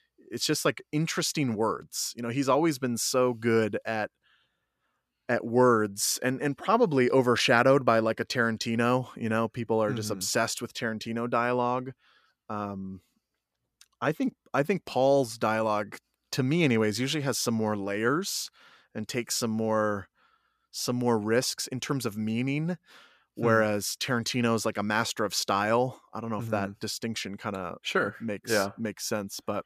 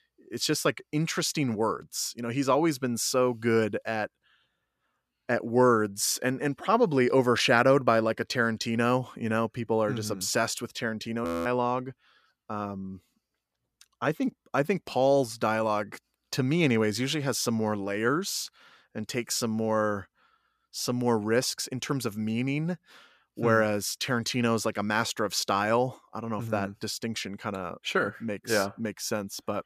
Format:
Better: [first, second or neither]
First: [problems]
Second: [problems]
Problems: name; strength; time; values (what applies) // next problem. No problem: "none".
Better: first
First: none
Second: audio freezing; at 11 s